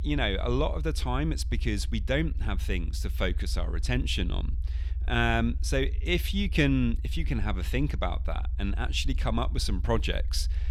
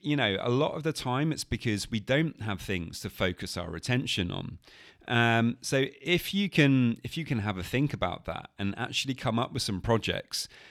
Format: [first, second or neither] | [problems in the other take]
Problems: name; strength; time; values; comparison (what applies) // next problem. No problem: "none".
second | low rumble; faint; throughout; 20 dB below the speech